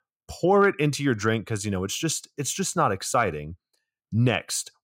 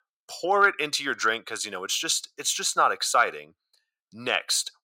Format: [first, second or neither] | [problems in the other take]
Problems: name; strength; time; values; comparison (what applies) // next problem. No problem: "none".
first | thin; very; fading below 600 Hz